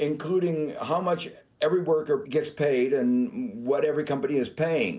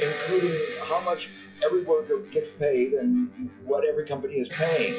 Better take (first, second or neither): first